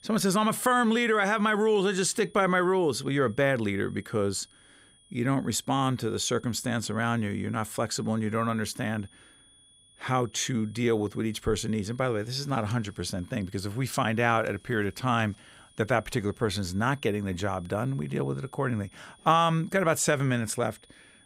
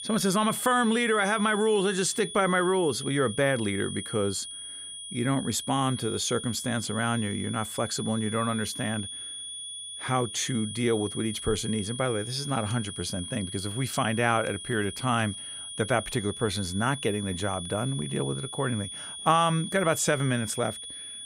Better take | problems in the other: first | high-pitched whine; loud; throughout; 3.5 kHz, 8 dB below the speech; faint in the first

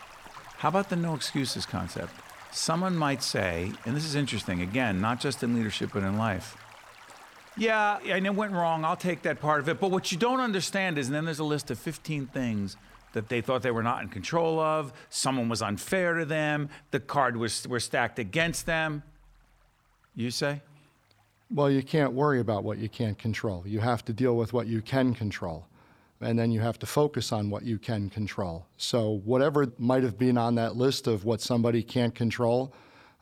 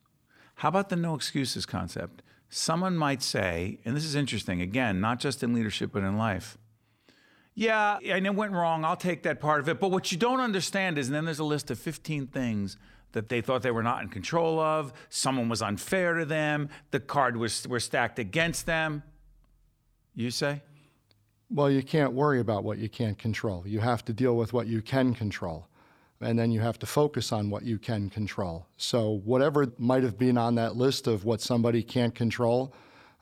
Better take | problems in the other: second | rain or running water; faint; throughout; 20 dB below the speech

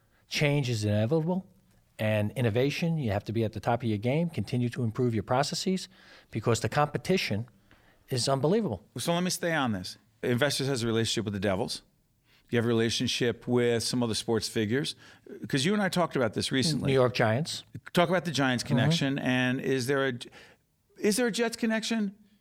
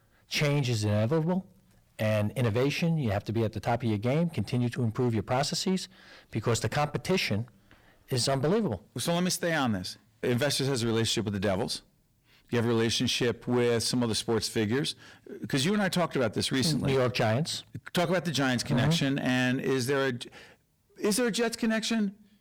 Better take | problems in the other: first | distortion; slight; 9% of the sound clipped

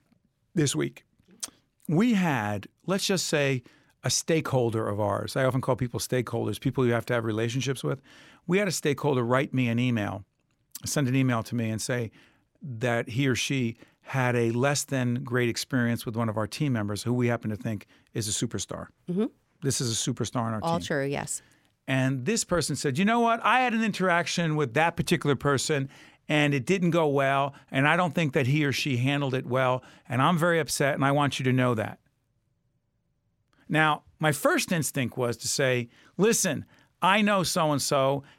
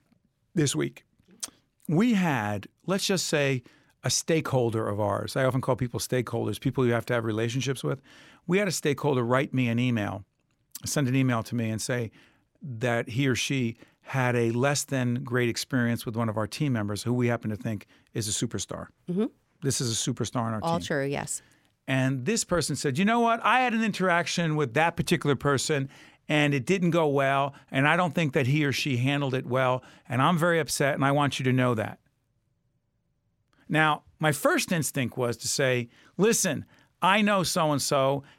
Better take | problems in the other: neither | none

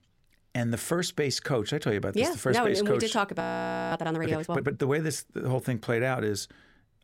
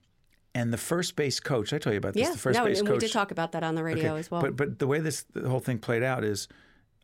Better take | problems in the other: second | audio freezing; at 3.5 s for 0.5 s

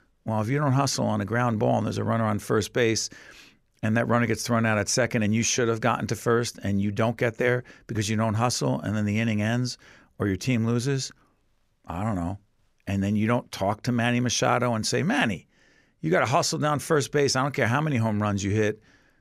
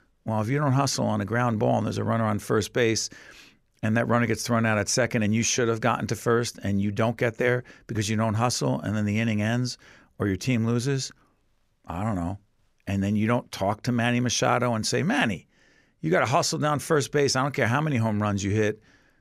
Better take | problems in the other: neither | none

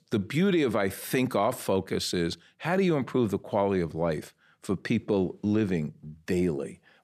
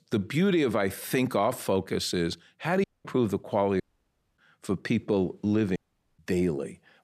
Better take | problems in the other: first | audio cutting out; at 3 s, at 4 s for 0.5 s and at 6 s

